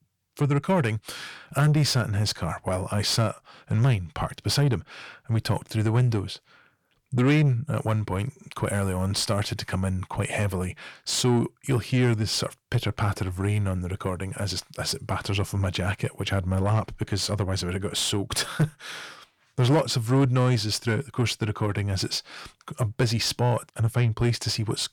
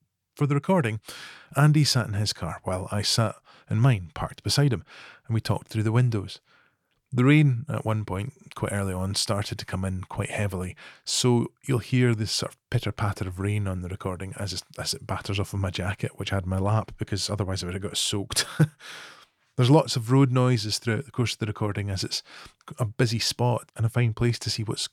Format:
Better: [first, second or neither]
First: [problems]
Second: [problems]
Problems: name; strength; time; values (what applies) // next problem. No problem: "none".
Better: second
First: distortion; slight; 10 dB below the speech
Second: none